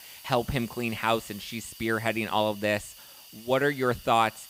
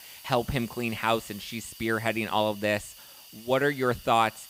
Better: neither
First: hiss; noticeable; throughout; 20 dB below the speech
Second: hiss; noticeable; throughout; 20 dB below the speech

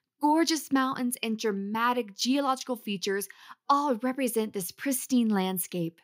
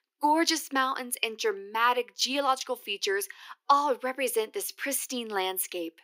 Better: first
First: none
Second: thin; somewhat; fading below 350 Hz

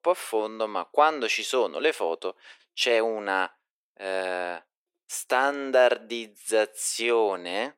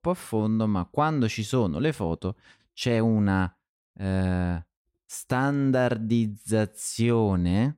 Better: second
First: thin; very; fading below 400 Hz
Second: none

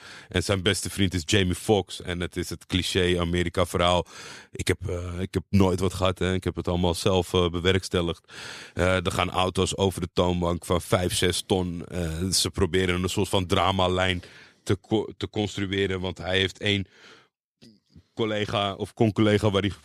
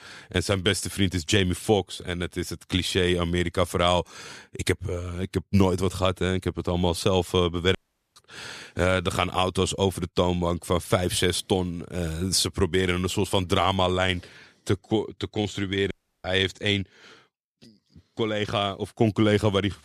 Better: first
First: none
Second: audio cutting out; at 8 s and at 16 s

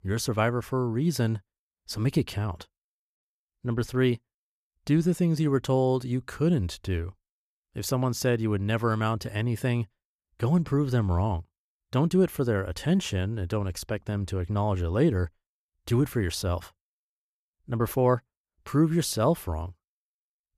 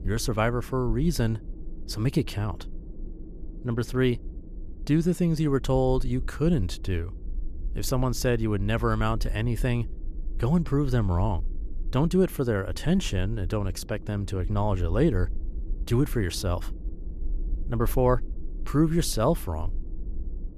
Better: first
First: none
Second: low rumble; faint; throughout; 25 dB below the speech

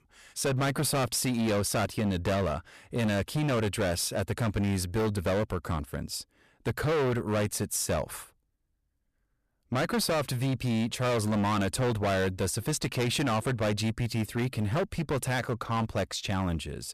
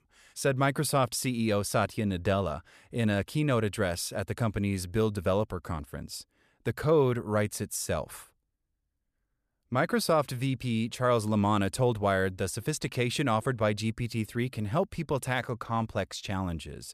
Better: second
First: distortion; heavy; 19% of the sound clipped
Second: none

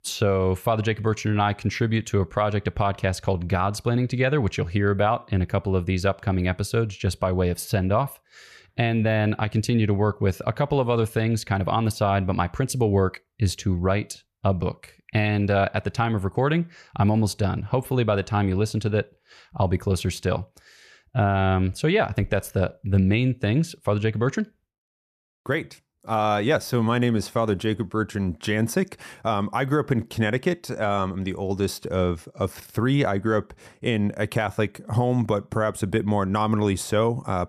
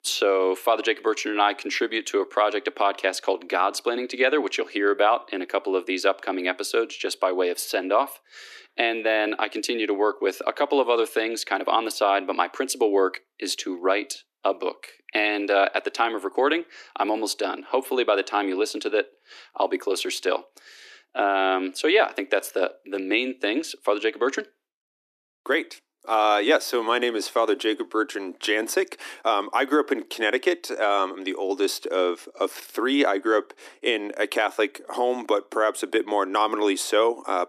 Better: first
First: none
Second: thin; somewhat; fading below 300 Hz

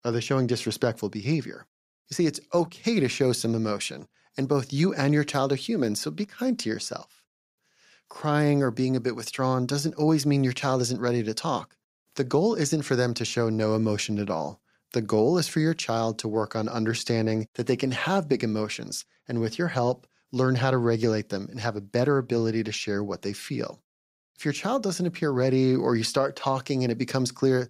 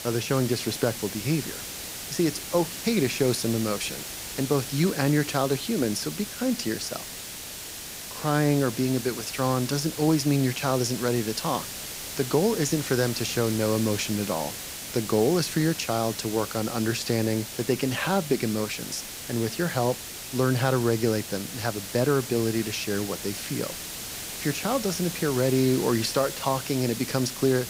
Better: first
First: none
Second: hiss; loud; throughout; 8 dB below the speech

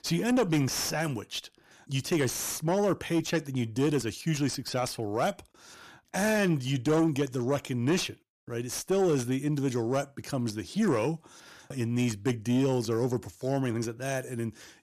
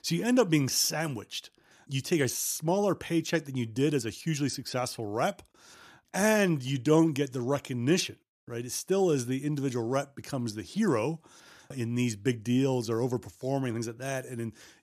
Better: second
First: distortion; slight; 10 dB below the speech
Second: none

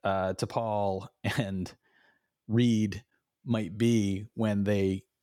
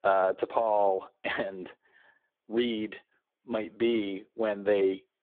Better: first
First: none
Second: phone-call audio; poor line

